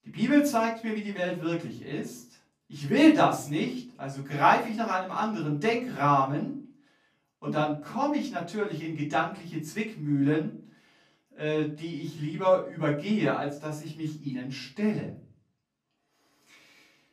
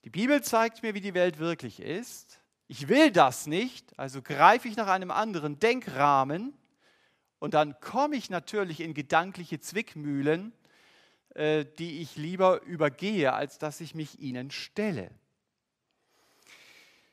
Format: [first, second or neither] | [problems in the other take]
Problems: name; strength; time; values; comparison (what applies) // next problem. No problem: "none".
second | room echo; slight; dies away in 0.4 s // off-mic speech; far